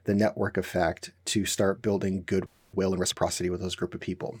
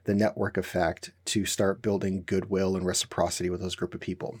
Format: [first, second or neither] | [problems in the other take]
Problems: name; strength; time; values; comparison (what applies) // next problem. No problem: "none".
second | audio freezing; at 2.5 s